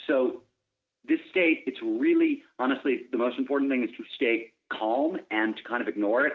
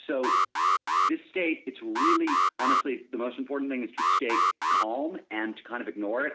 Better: first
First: none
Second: background sound (Alarm); 4 dB above the speech

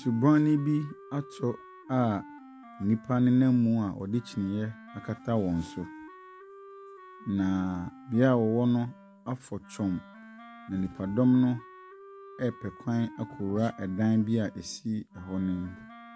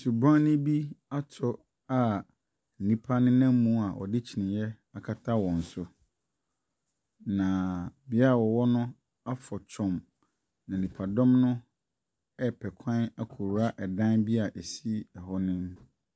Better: second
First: background sound (Wind instrument, woodwind instrument); 19 dB below the speech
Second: none

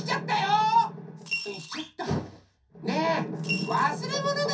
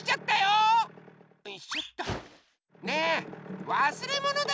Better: second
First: background sound (Coin (dropping) / Glass); 9 dB below the speech // room echo; dies away in 0.3 s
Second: none

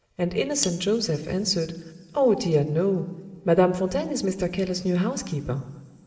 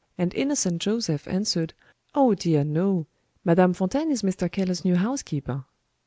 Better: second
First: background sound (Cutlery, silverware); 11 dB below the speech // room echo; dies away in 2.7 s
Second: none

